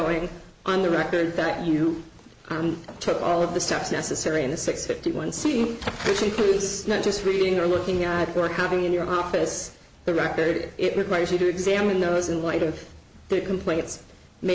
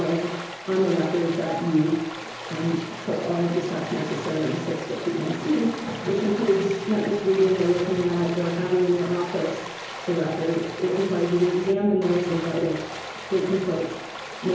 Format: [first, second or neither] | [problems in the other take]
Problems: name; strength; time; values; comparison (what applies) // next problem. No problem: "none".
first | background sound (Stream); 12 dB below the speech // room echo; dies away in 1 s